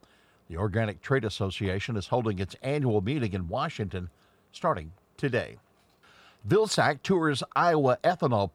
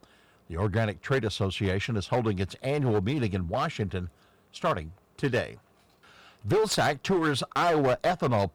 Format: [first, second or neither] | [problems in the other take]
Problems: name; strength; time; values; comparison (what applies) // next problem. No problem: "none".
first | distortion; slight; 8% of the sound clipped